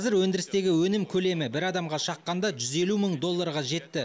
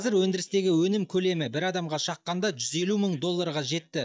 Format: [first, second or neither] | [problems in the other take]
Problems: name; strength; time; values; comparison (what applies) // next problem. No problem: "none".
first | noise reduction (neural mask model DeepFilterNet 3)